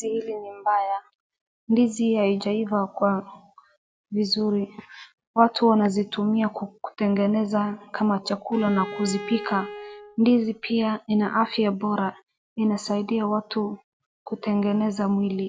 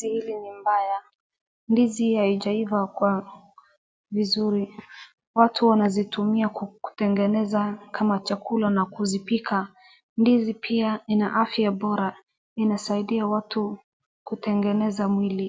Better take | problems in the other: second | background sound (Bowed string instrument); 13 dB below the speech

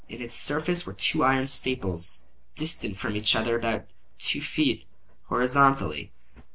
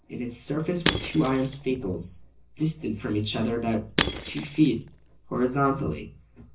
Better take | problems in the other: first | background sound (Shatter / Crushing); 5 dB below the speech // room echo; dies away in 0.4 s

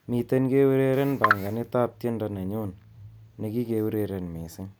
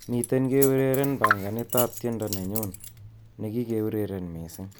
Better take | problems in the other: first | background sound (Keys jangling); 10 dB below the speech

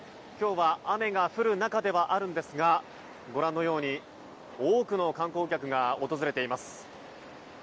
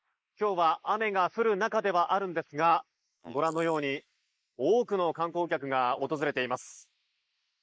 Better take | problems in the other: first | noise reduction (neural mask model Resemble Enhance denoiser)

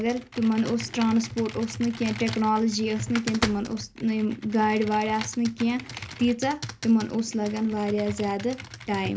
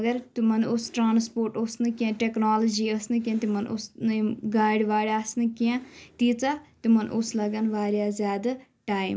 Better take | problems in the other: second | background sound (Computer keyboard); 12 dB below the speech

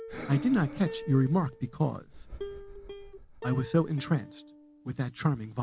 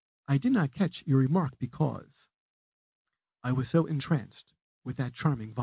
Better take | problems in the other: second | background sound (Breathing + Plucked string instrument); 13 dB below the speech

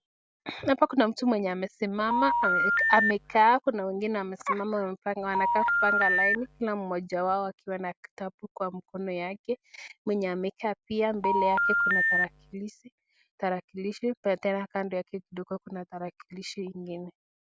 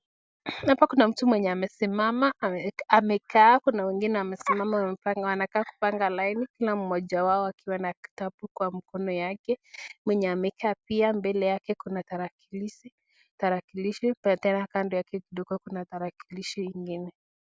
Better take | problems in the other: second | background sound (Telephone); 4 dB above the speech

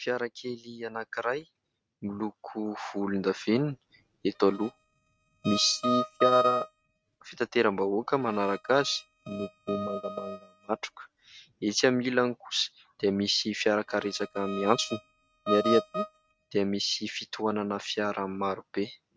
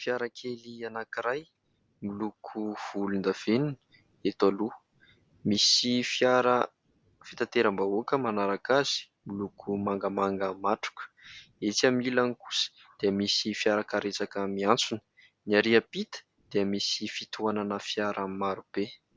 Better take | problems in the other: second | noise reduction (neural mask model RNNoise)

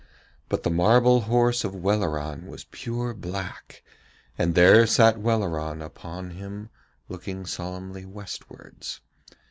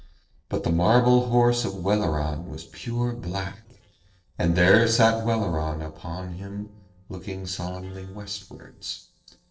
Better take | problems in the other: first | noise reduction (neural separator model SepFormer DNS4)

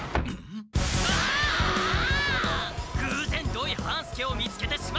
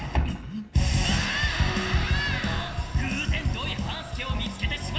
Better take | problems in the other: first | room echo; dies away in 2.4 s

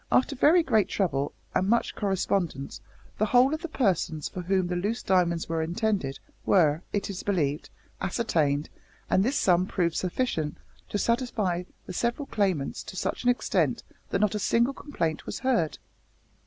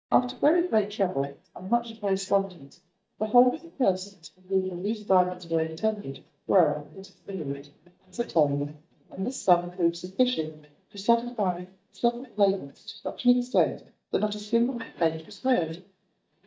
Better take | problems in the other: first | noise reduction (neural mask model DeepFilterNet 3)

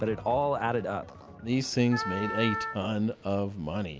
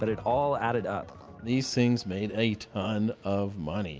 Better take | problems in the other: second | background sound (Wind instrument, woodwind instrument); 6 dB below the speech

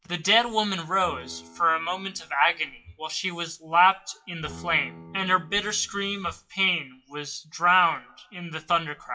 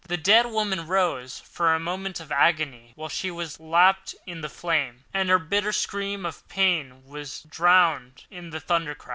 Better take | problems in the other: second | noise reduction (classical method WPE with log-MMSE)

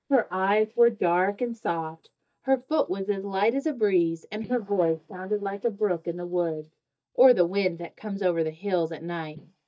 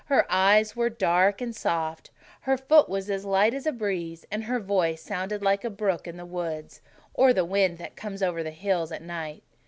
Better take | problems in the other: second | noise reduction (neural mask model DeepFilterNet 3)

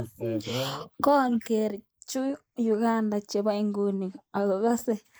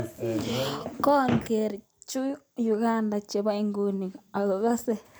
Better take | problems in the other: second | noise reduction (neural mask model Resemble Enhance denoiser)

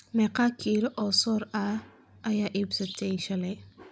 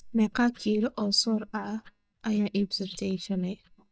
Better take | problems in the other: first | noise reduction (neural mask model DeepFilterNet 3)

